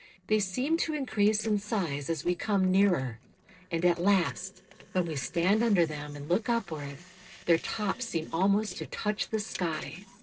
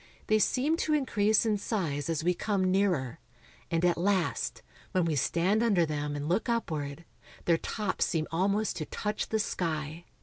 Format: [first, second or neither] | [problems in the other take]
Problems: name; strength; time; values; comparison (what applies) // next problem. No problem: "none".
second | noise reduction (neural separator model SepFormer DNS4)